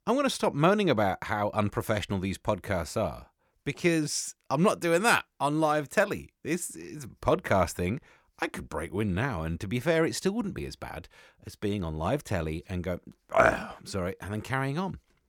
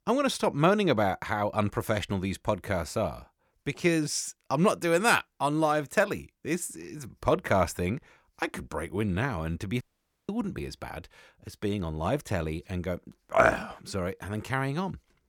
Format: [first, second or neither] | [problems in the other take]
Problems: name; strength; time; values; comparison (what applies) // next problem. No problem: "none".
first | audio cutting out; at 10 s